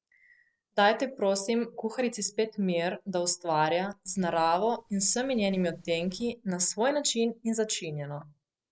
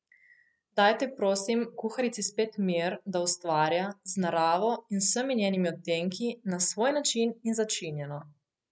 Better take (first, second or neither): second